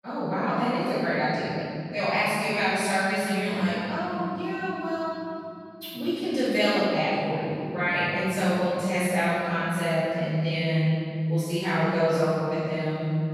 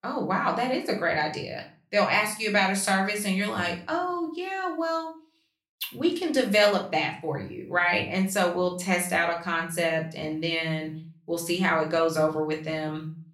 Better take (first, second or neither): second